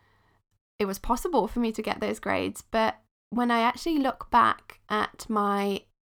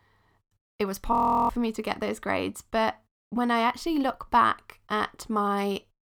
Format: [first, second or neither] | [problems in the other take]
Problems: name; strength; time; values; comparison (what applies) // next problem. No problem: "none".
first | audio freezing; at 1 s